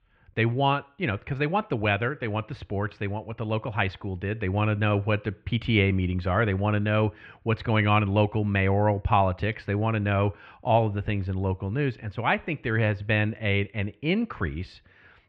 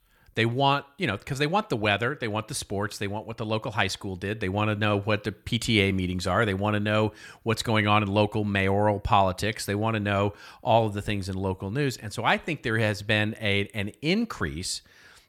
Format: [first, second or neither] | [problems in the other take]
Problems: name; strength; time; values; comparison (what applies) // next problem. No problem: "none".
second | muffled; very; fading above 2.5 kHz